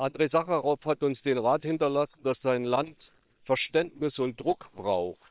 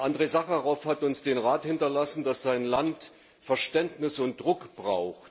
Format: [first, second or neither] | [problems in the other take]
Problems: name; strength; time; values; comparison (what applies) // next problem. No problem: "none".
second | noise reduction (neural separator model SepFormer WHAM!)